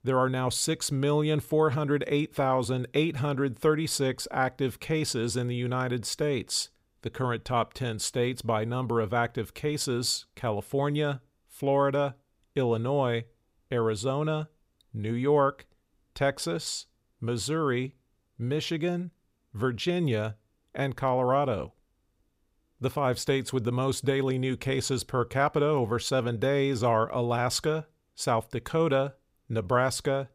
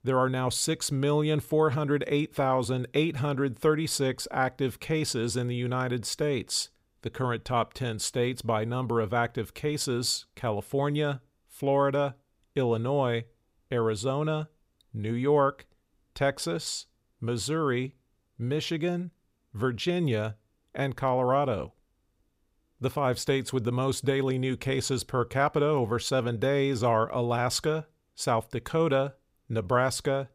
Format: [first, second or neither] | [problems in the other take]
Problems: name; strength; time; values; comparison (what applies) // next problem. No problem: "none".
neither | none